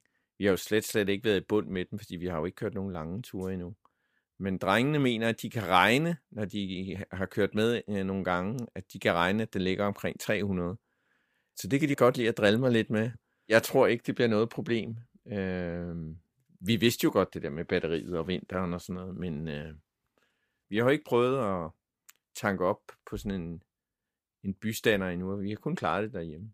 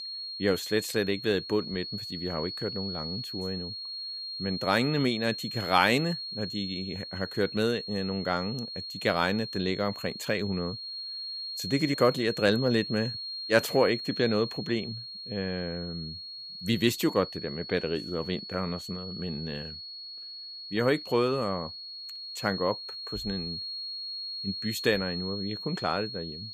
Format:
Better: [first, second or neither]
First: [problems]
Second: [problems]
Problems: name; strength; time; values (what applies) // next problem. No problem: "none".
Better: first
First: none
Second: high-pitched whine; loud; throughout; 4.5 kHz, 7 dB below the speech